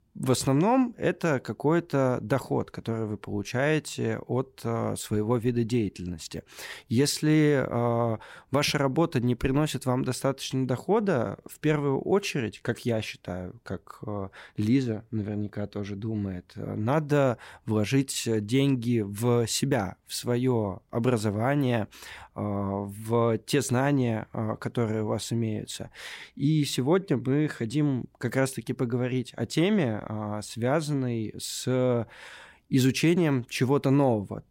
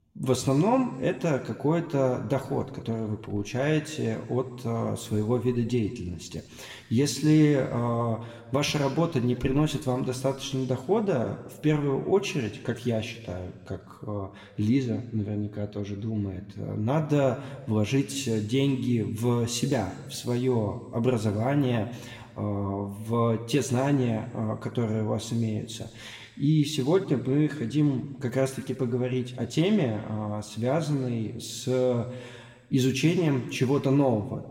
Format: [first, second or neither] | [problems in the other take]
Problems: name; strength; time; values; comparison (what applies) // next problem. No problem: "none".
first | room echo; slight; dies away in 1.2 s